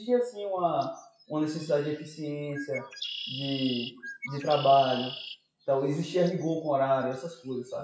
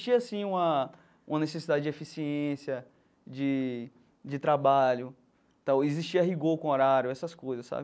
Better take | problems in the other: second | noise reduction (classical method WPE with log-MMSE)

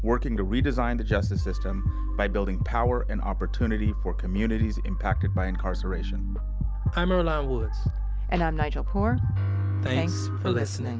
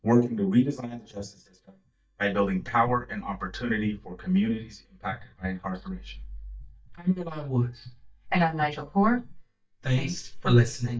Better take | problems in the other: first | noise reduction (neural mask model DeepFilterNet 3)

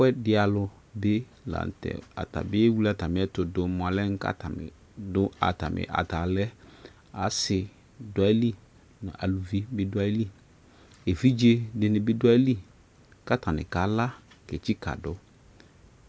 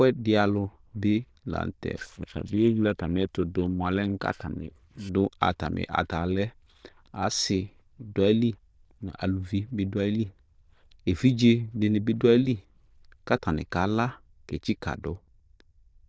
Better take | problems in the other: first | noise reduction (neural diffusion model UNIVERSE++)

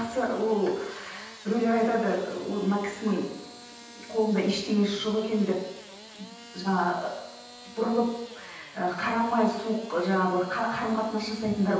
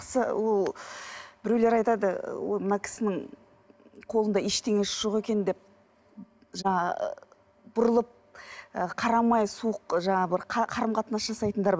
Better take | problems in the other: second | background sound (Engine starting / Sawing); 18 dB below the speech // room echo; dies away in 0.9 s

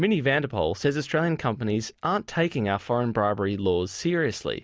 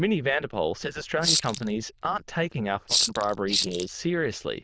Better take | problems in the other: first | noise reduction (neural diffusion model UNIVERSE++)

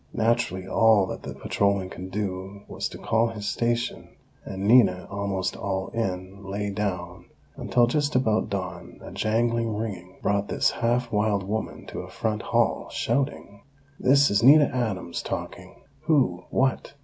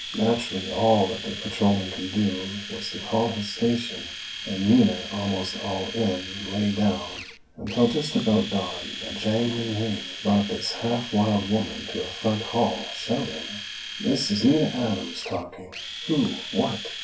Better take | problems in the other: first | background sound (Domestic sounds, home sounds); 10 dB below the speech // room echo; dies away in 0.2 s

